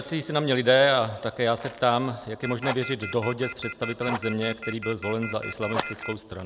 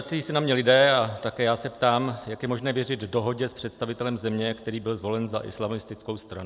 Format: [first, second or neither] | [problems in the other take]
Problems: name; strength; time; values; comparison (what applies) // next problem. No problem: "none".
second | background sound (Fire + Telephone); 11 dB below the speech